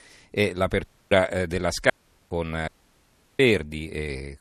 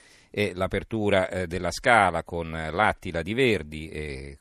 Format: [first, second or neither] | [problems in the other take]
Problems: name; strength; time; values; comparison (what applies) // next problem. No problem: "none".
second | audio cutting out; at 1 s, at 2 s and at 2.5 s for 0.5 s